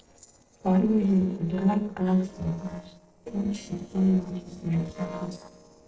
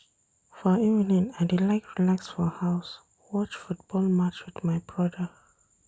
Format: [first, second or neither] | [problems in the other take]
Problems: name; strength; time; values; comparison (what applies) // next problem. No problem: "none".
second | noise reduction (neural separator model SepFormer DNS4)